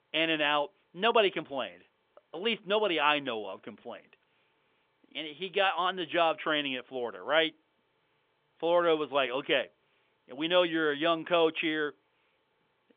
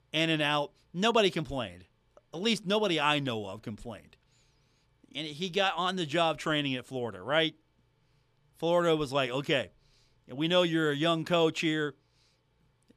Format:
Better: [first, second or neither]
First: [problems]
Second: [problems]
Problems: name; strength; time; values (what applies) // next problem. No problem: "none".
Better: second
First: phone-call audio; nothing above 3.5 kHz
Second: none